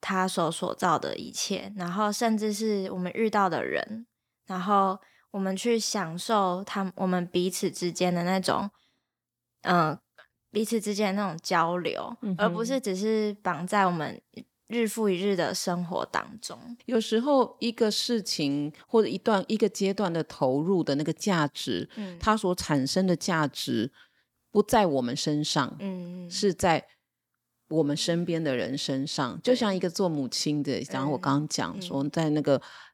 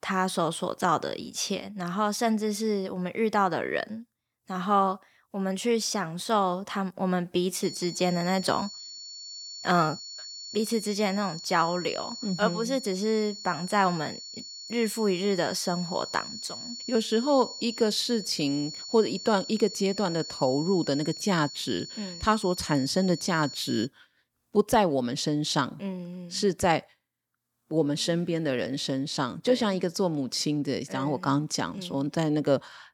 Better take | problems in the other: first | high-pitched whine; noticeable; from 7.5 to 24 s; 4.5 kHz, 10 dB below the speech

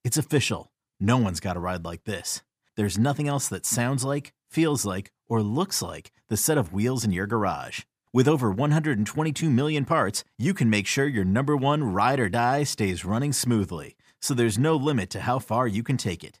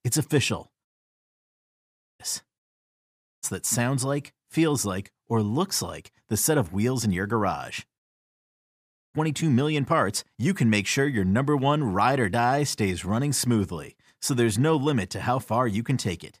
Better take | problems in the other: first | audio cutting out; at 1 s for 1.5 s, at 2.5 s for 1 s and at 8 s for 1 s

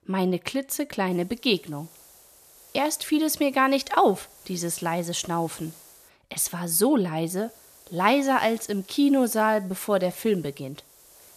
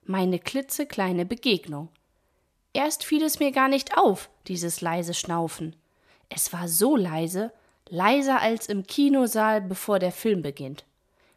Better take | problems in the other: second | hiss; faint; from 1 to 6 s and from 7.5 s on; 25 dB below the speech

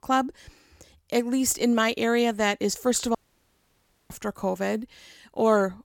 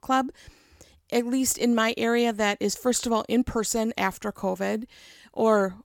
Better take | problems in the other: second | audio cutting out; at 3 s for 1 s

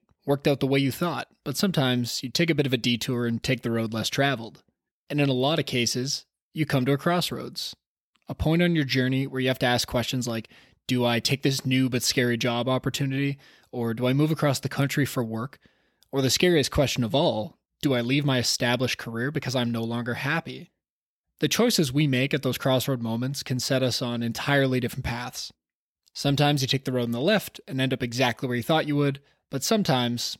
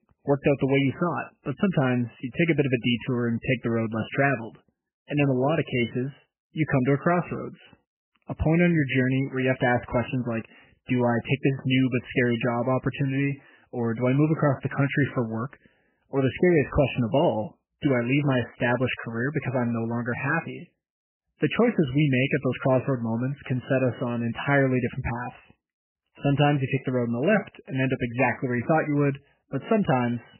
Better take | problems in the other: first | garbled, watery; badly; nothing above 3 kHz

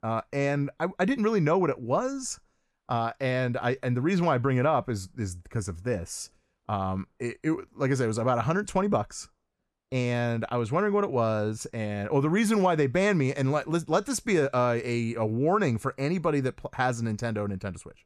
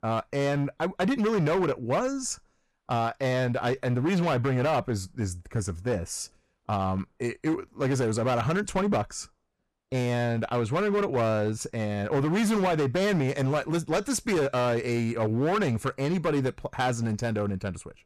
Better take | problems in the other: first | distortion; slight; 13% of the sound clipped

